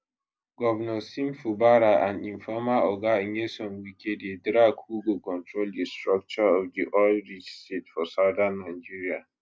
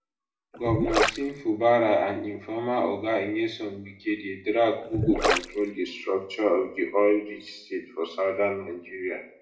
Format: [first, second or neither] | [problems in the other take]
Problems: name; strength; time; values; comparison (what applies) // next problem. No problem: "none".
first | background sound (Gurgling); as loud as the speech // room echo; dies away in 0.5 s